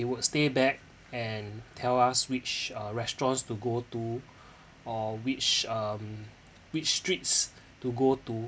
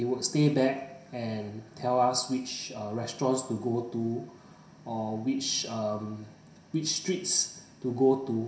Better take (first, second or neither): first